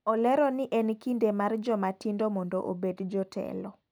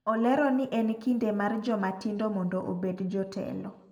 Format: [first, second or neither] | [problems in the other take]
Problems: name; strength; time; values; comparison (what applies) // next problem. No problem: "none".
first | room echo; dies away in 0.8 s